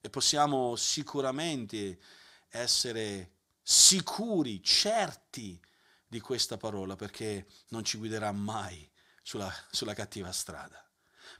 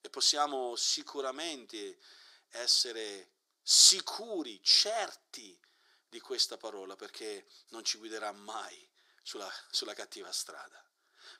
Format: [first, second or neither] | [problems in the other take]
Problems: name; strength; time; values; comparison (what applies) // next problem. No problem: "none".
first | thin; somewhat; fading below 350 Hz